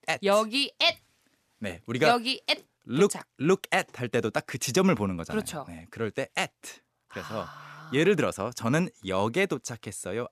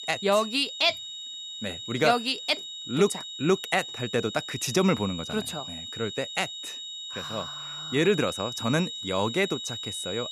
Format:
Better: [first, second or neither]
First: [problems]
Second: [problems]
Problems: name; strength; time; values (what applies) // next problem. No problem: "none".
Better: first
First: none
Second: high-pitched whine; loud; throughout; 4 kHz, 8 dB below the speech